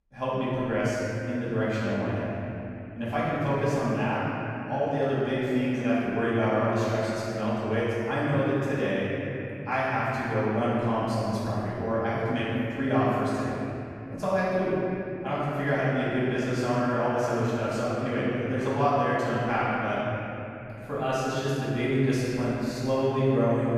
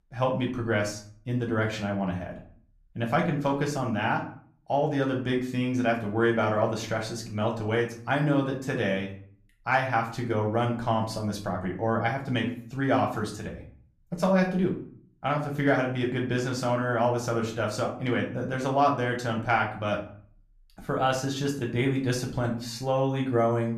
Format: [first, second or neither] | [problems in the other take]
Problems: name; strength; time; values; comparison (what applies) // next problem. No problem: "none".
second | room echo; strong; dies away in 3 s; slight in the second // off-mic speech; far; somewhat distant in the second